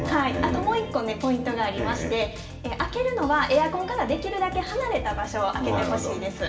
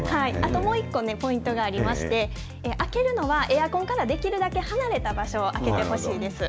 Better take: second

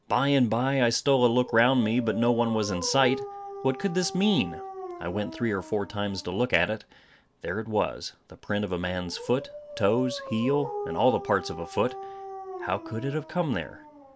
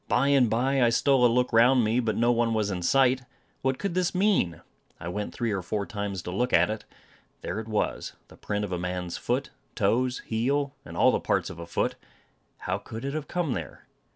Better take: second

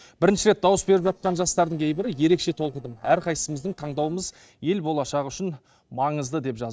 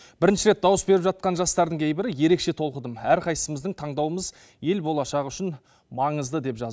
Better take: second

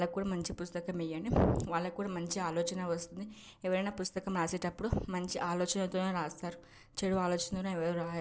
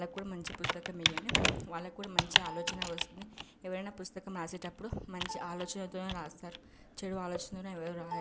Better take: first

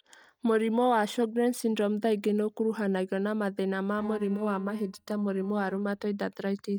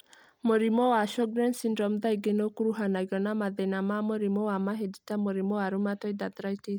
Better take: second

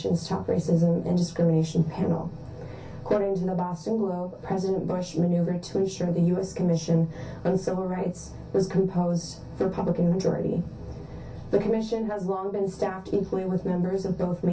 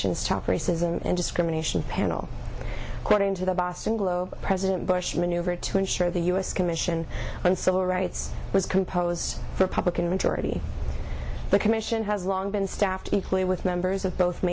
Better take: second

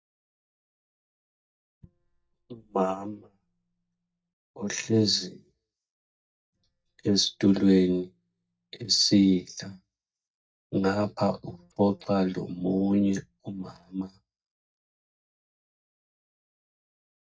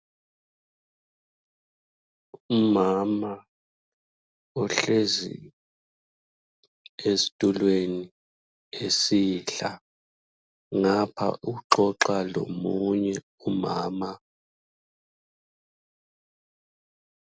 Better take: second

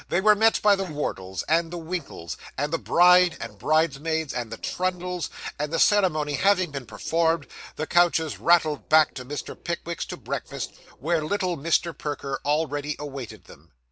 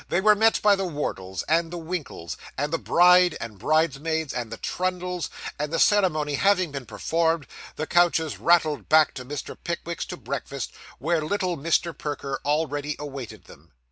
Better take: second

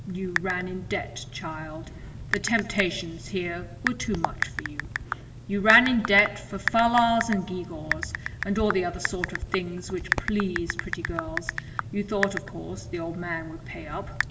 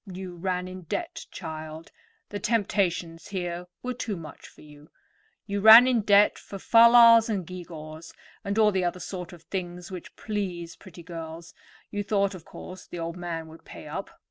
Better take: second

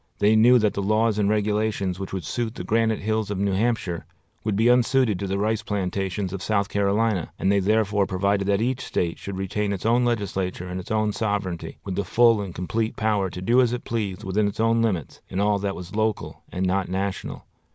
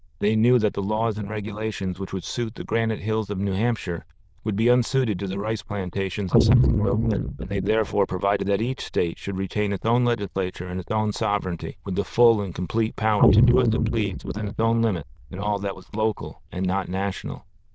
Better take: first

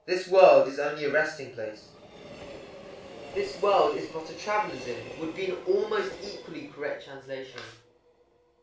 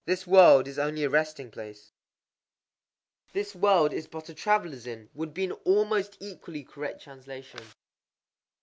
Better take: second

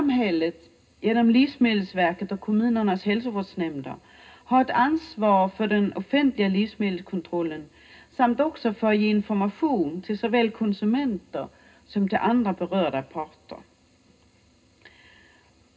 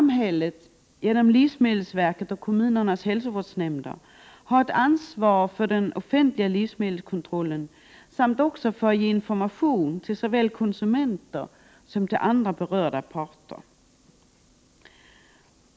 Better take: second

